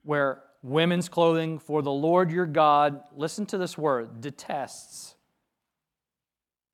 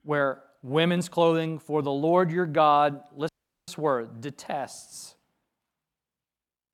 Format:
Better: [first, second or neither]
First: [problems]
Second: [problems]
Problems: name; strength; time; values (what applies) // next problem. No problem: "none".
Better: first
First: none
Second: audio cutting out; at 3.5 s